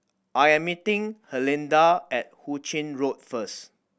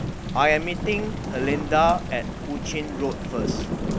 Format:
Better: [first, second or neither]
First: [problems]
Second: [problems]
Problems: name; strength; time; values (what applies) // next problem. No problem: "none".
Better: first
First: none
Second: background sound (Thunder / Rain); 3 dB below the speech